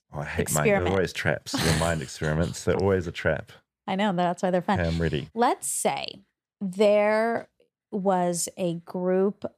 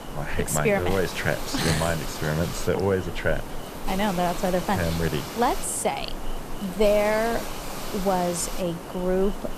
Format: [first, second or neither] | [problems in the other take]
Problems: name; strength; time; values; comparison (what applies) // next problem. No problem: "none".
first | hiss; loud; throughout; 9 dB below the speech